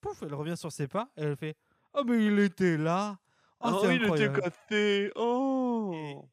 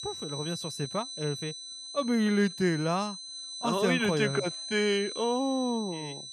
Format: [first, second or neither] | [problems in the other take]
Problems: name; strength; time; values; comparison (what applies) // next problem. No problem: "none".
first | high-pitched whine; loud; throughout; 4 kHz, 8 dB below the speech